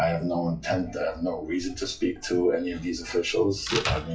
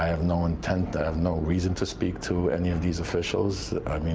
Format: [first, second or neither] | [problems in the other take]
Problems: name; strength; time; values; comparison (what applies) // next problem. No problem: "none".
second | noise reduction (classical method WPE with log-MMSE)